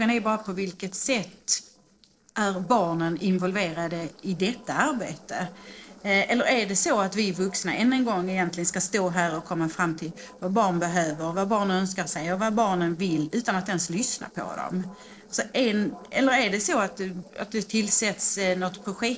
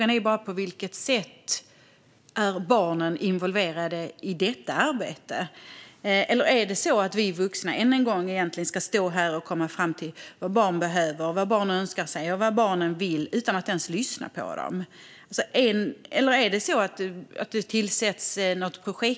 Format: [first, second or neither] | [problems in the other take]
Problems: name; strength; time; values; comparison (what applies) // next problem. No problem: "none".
second | noise reduction (neural separator model SepFormer DNS4)